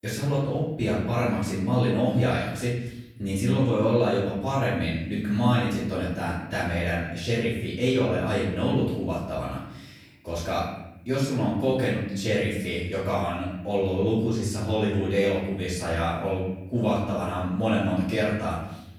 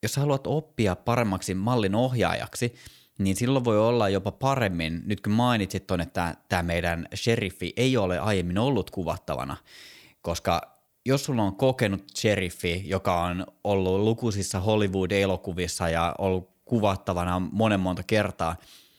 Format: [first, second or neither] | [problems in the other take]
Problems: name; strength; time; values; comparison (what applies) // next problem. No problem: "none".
second | off-mic speech; far // room echo; noticeable; dies away in 0.9 s